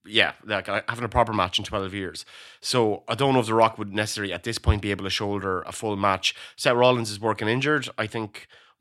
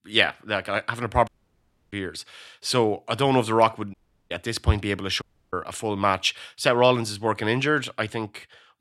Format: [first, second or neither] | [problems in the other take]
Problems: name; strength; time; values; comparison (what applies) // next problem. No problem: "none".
first | audio cutting out; at 1.5 s for 0.5 s, at 4 s and at 5 s